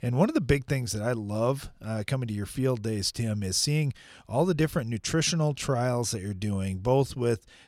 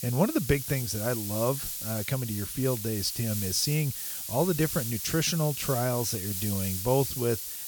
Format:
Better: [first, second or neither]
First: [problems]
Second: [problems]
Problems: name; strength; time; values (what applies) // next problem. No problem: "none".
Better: first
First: none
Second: hiss; loud; throughout; 4 dB below the speech